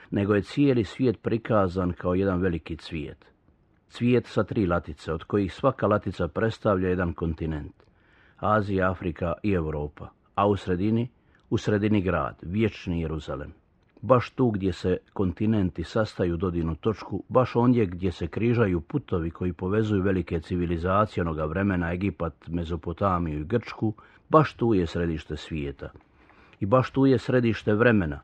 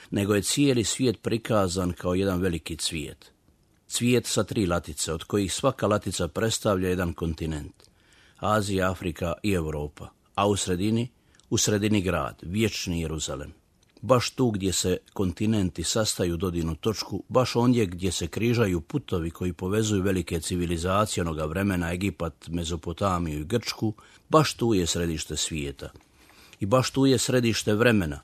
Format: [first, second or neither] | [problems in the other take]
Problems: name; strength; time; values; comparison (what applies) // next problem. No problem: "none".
second | muffled; very; fading above 1.5 kHz